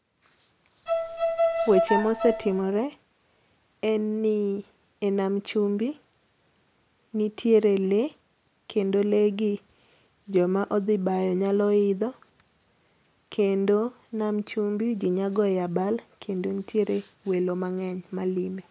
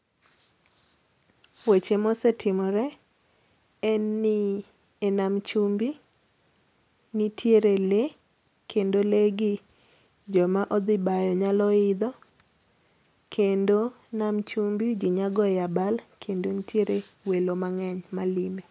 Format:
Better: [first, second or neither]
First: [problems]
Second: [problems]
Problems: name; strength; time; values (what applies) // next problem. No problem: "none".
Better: second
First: background sound (Bowed string instrument); as loud as the speech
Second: none